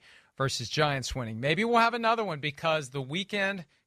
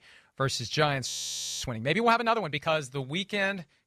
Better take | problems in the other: first | audio freezing; at 1 s for 0.5 s

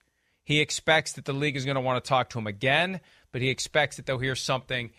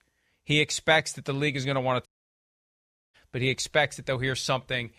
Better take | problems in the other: first | audio cutting out; at 2 s for 1 s

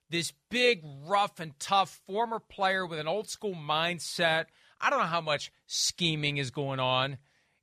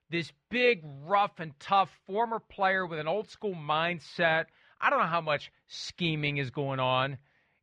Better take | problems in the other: first | muffled; slightly; fading above 2.5 kHz

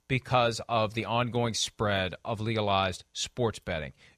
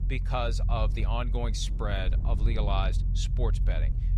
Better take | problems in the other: first | low rumble; noticeable; throughout; 15 dB below the speech

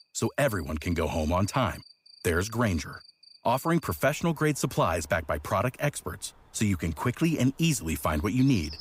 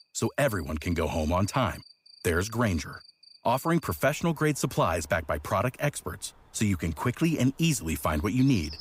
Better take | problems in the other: neither | animal sounds; faint; throughout; 25 dB below the speech; the same in both

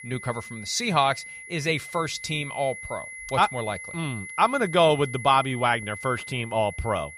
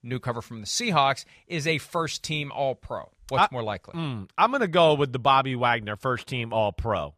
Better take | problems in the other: second | high-pitched whine; noticeable; throughout; 2 kHz, 10 dB below the speech

